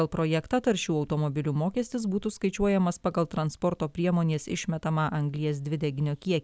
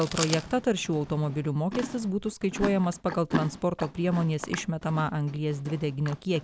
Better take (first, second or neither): first